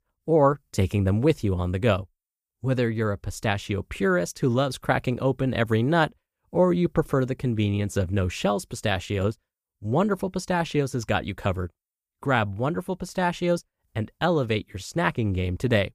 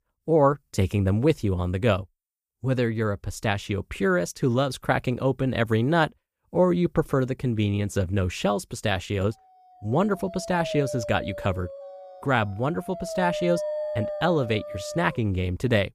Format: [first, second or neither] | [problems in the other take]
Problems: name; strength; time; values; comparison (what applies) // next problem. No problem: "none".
first | dog barking; noticeable; from 10 to 15 s; peak 4 dB below the speech